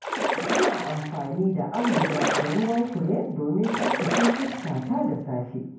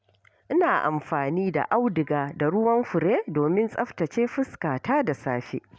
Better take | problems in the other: second | background sound (Splash, splatter); 2 dB below the speech // room echo; dies away in 0.9 s

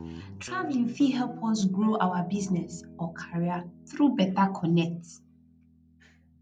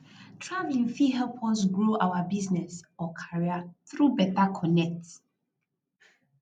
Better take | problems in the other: second | background sound (Guitar); 17 dB below the speech

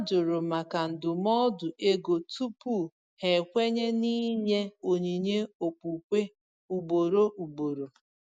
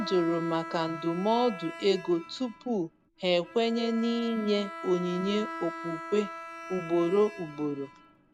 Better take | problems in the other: first | background sound (Bowed string instrument); 12 dB below the speech

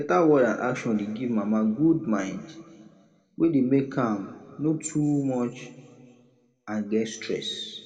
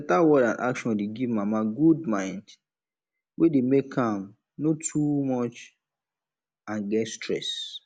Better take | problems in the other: second | room echo; dies away in 1.7 s

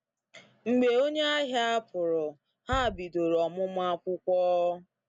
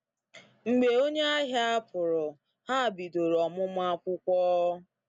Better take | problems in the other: second | background sound (Bass drum); 16 dB below the speech

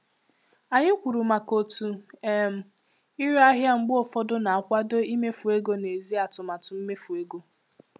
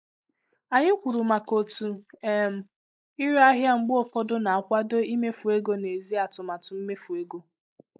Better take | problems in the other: first | noise reduction (neural mask model Resemble Enhance denoiser)

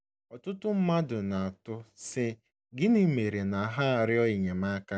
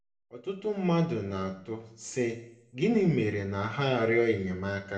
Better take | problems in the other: first | room echo; dies away in 0.6 s

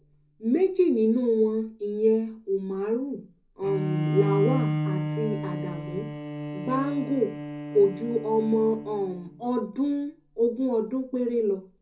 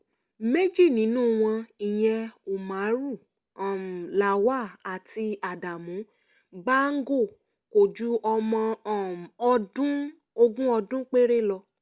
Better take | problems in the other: second | background sound (Bowed string instrument); 7 dB below the speech // room echo; dies away in 0.4 s

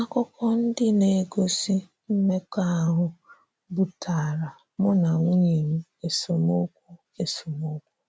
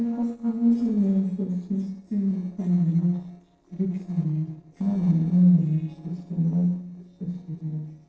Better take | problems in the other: first | noise reduction (neural separator model SepFormer DNS4)

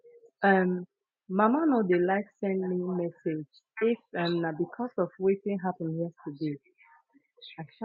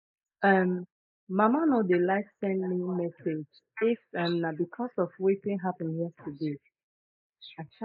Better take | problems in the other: first | noise reduction (neural mask model Resemble Enhance denoiser)

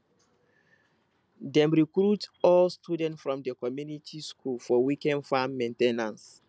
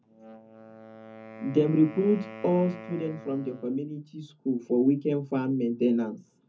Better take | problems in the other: first | background sound (Wind instrument, woodwind instrument); 19 dB below the speech // room echo; dies away in 0.3 s

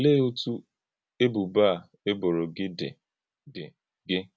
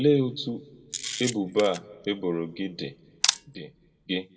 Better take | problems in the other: first | background sound (Camera); 6 dB below the speech // room echo; dies away in 0.2 s

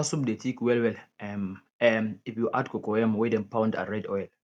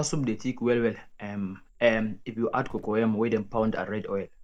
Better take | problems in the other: first | background sound (Cricket); 16 dB below the speech

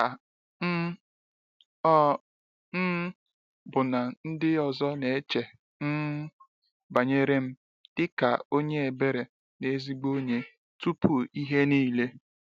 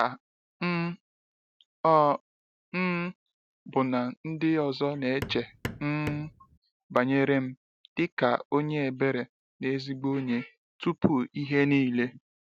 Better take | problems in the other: first | background sound (Hammer); 11 dB below the speech

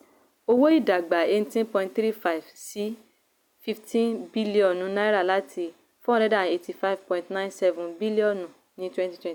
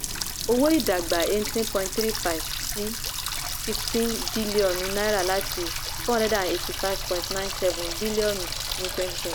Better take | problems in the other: first | background sound (Water tap, faucet); 3 dB below the speech

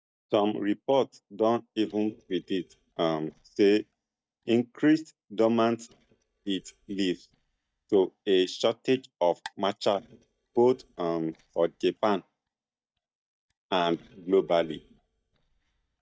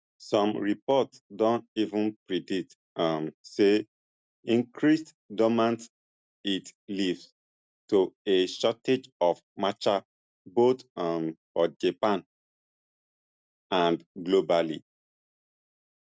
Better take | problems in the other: second | noise reduction (neural mask model DeepFilterNet 3)

